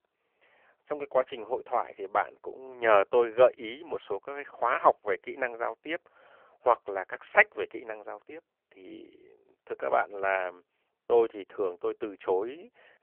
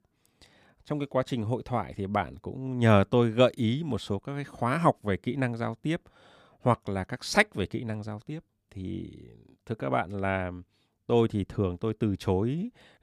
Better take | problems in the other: second | phone-call audio; poor line; nothing above 3 kHz

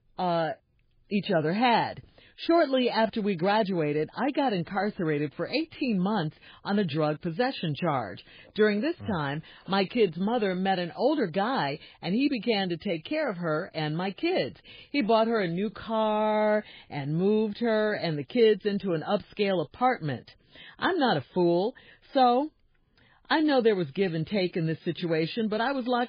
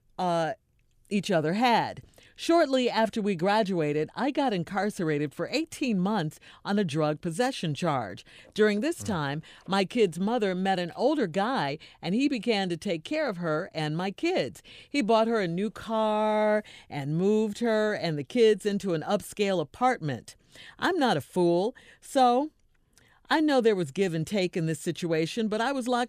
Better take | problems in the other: second | garbled, watery; badly; nothing above 4.5 kHz

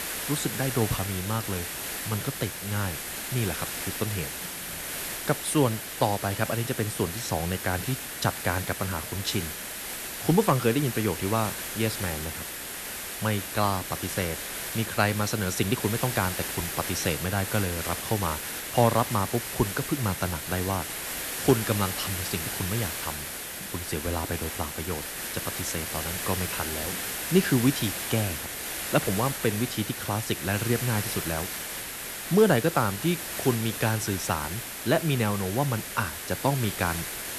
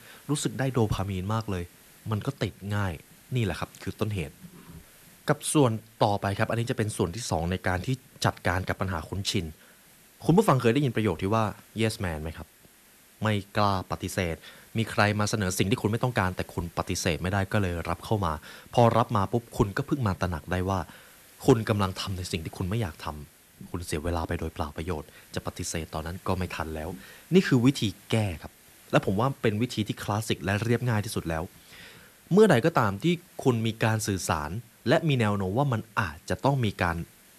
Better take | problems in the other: second | hiss; loud; throughout; 4 dB below the speech; faint in the second

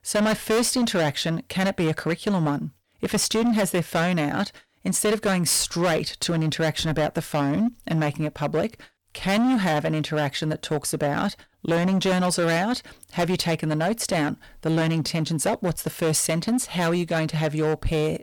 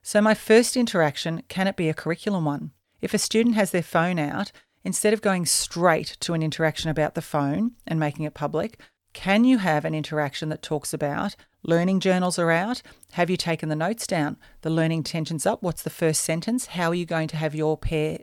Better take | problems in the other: second | distortion; heavy; 16% of the sound clipped

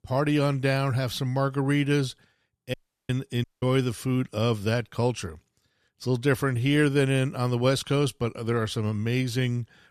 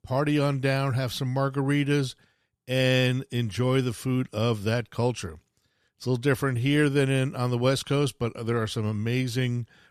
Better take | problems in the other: second | audio cutting out; at 2.5 s and at 3.5 s

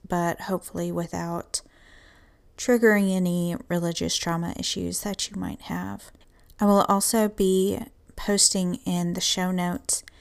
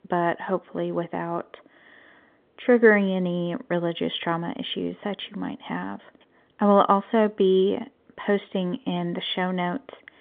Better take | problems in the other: first | phone-call audio; nothing above 3.5 kHz

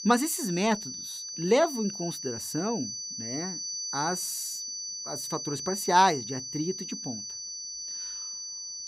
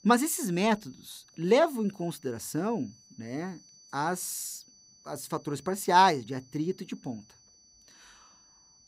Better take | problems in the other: second | high-pitched whine; loud; throughout; 6 kHz, 5 dB below the speech; faint in the second

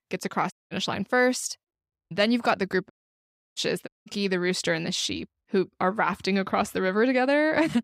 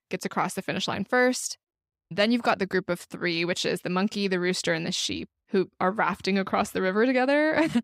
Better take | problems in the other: second | audio cutting out; at 0.5 s, at 3 s for 0.5 s and at 4 s

